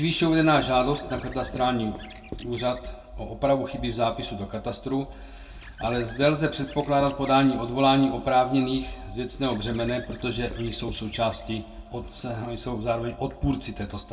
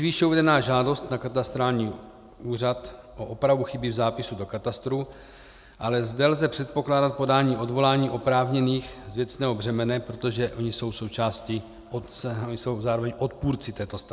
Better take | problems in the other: second | background sound (Squeak / Writing); 18 dB below the speech // room echo; dies away in 0.2 s

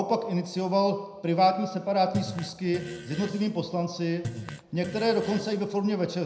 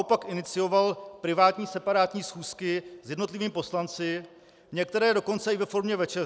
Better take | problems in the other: second | background sound (Fart); 12 dB below the speech // room echo; dies away in 0.6 s

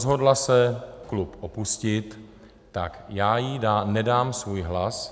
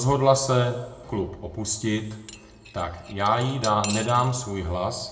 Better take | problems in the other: first | background sound (Cutlery, silverware / Dishes, pots, and pans); 13 dB below the speech // room echo; dies away in 0.6 s

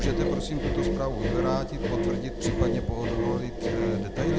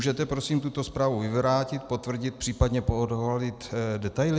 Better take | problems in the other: second | background sound (Engine); 4 dB above the speech

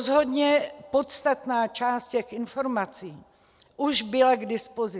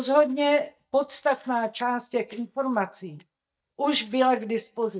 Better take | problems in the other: first | noise reduction (neural mask model DeepFilterNet 3)

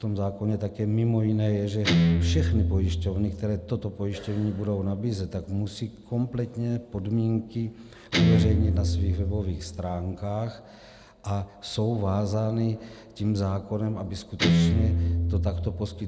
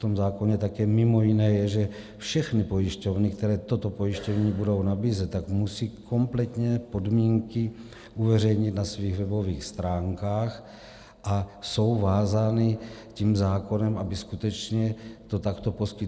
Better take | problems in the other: second | background sound (Guitar); 1 dB below the speech

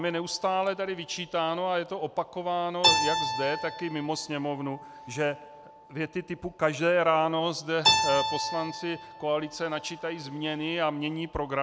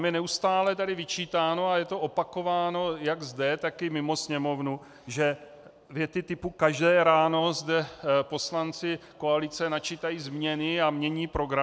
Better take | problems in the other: second | background sound (Keyboard (musical)); 4 dB below the speech

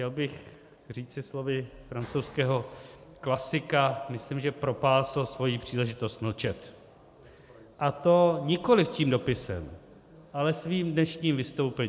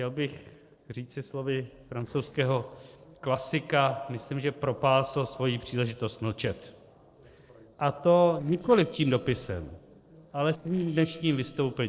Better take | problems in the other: first | noise reduction (neural separator model SepFormer DNS4)

